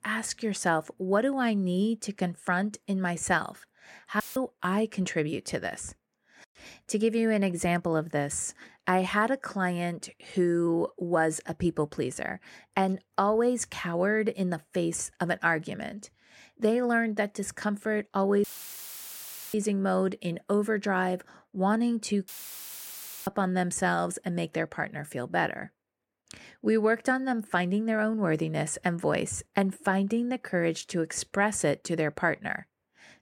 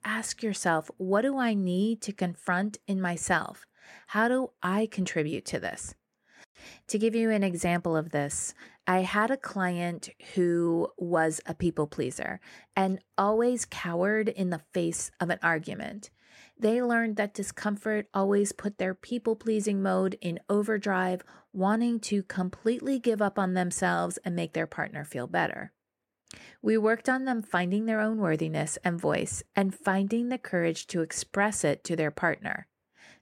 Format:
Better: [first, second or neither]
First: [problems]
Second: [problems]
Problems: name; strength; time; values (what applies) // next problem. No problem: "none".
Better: second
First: audio cutting out; filled with static; at 4 s, at 18 s for 1 s and at 22 s for 1 s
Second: none